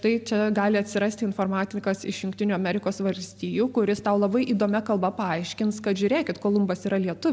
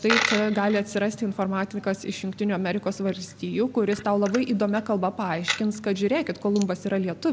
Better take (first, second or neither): first